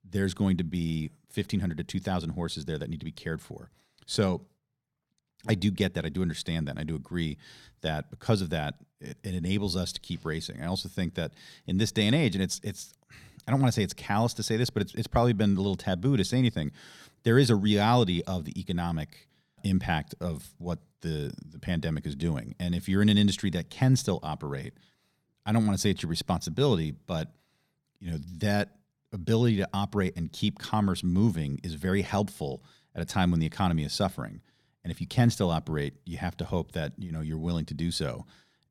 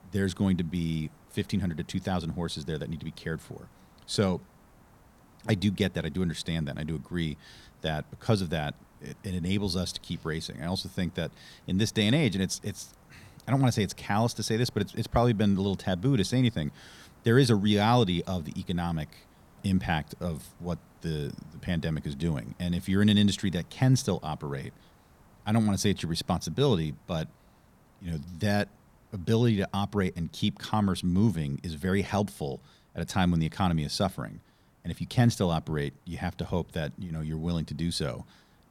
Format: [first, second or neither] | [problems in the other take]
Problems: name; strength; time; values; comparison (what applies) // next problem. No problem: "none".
first | hiss; faint; throughout; 30 dB below the speech